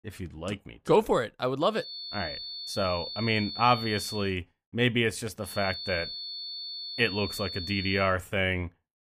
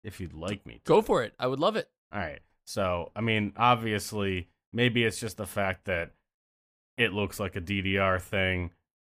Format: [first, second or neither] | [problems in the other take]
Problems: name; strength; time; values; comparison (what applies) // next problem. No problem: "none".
second | high-pitched whine; loud; from 2 to 4 s and from 5.5 to 8 s; 4.5 kHz, 7 dB below the speech